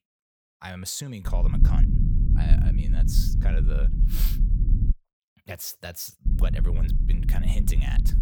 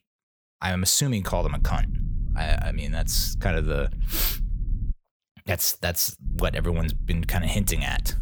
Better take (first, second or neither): second